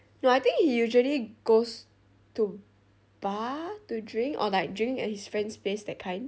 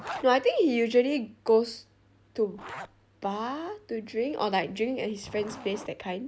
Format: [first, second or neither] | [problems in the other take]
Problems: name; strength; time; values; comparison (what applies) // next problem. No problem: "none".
first | background sound (Zipper (clothing)); 18 dB below the speech